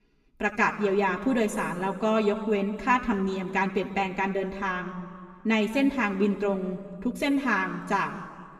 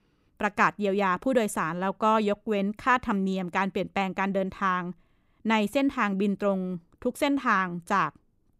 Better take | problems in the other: second | room echo; slight; dies away in 1.5 s // off-mic speech; somewhat distant

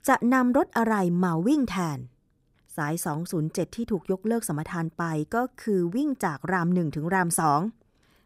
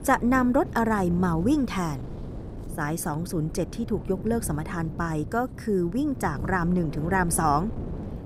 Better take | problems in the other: first | wind noise on the microphone; occasional gusts; 15 dB below the speech

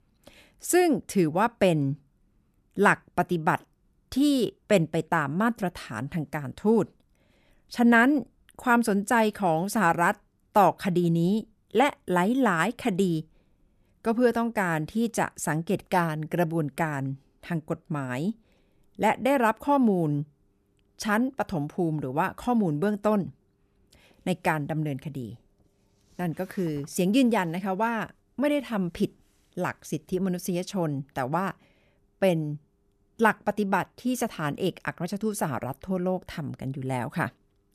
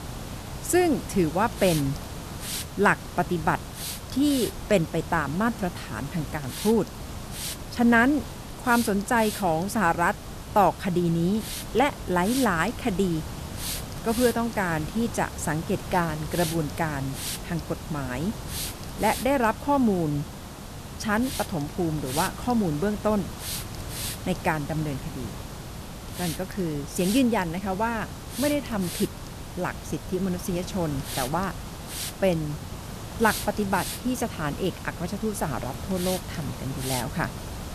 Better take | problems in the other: first | hiss; loud; throughout; 9 dB below the speech

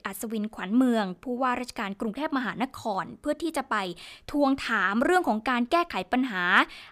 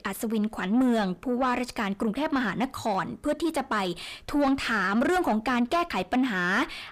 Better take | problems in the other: first | distortion; heavy; 8 dB below the speech

